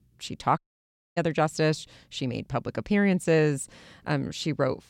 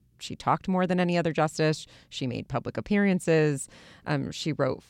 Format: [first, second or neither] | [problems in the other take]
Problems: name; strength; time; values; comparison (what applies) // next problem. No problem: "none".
second | audio cutting out; at 0.5 s for 0.5 s